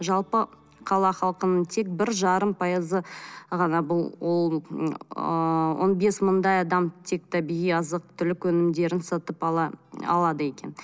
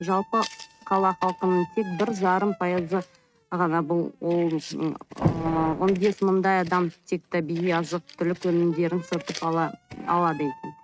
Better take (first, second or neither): first